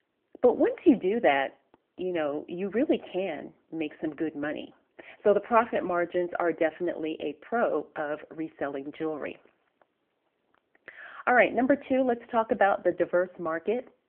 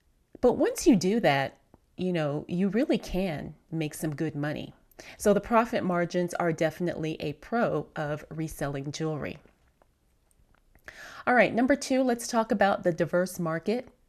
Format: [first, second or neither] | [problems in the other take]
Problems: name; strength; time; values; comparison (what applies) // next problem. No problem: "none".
second | phone-call audio